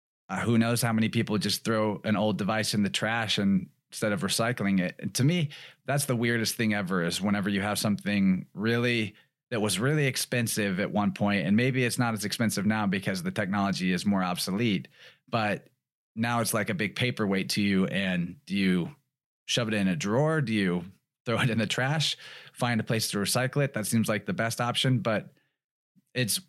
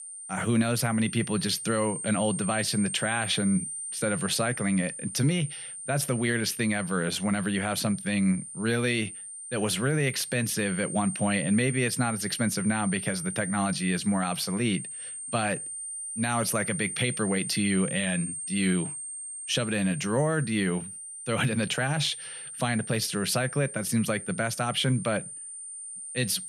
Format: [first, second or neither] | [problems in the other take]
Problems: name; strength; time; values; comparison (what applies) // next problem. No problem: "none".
first | high-pitched whine; loud; throughout; 9 kHz, 7 dB below the speech